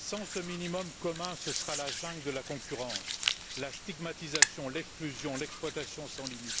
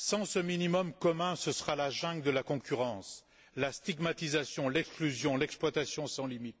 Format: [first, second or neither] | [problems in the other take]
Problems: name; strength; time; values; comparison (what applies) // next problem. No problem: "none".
second | background sound (Hands); 2 dB above the speech